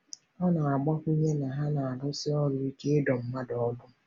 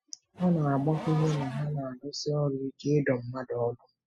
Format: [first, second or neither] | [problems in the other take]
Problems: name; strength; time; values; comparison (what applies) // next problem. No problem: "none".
first | noise reduction (classical method spectral subtraction)